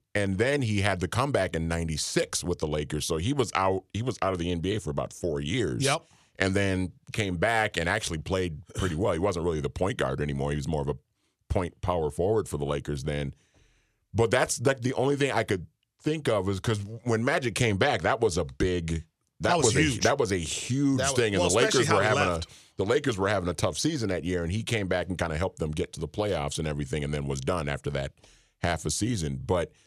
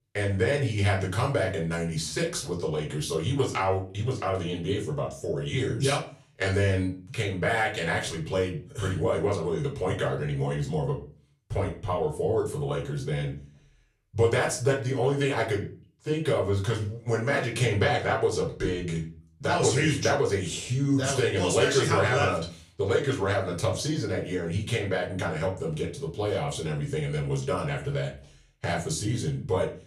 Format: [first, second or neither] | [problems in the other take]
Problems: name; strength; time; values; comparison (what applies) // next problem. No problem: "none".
first | room echo; slight; dies away in 0.3 s // off-mic speech; far